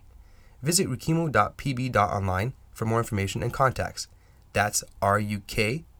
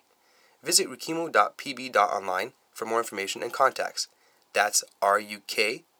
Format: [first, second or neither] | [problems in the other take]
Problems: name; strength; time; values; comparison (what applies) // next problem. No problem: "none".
first | thin; very; fading below 350 Hz